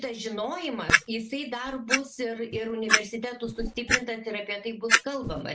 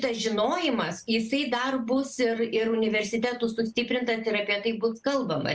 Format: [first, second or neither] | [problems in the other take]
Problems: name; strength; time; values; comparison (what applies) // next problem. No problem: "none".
second | background sound (Clock); 2 dB above the speech